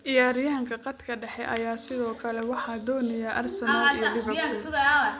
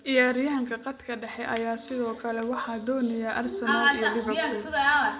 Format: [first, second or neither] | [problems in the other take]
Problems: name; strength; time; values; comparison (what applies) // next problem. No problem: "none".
first | room echo; dies away in 0.7 s